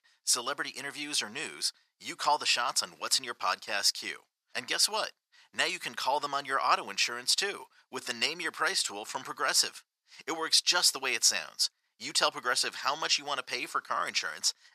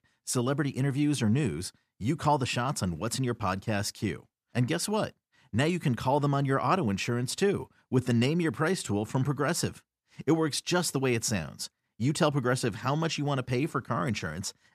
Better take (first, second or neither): second